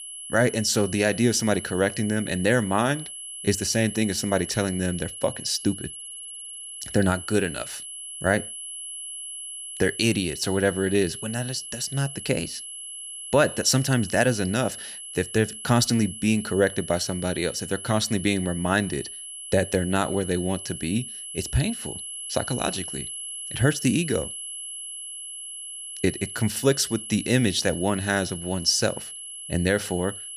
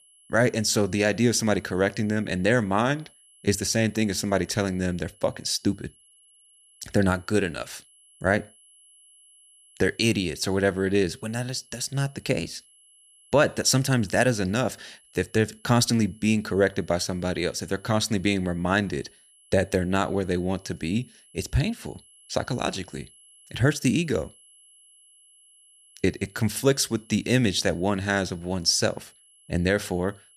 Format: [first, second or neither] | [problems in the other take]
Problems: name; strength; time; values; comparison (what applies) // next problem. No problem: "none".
second | high-pitched whine; loud; throughout; 11 kHz, 9 dB below the speech; faint in the second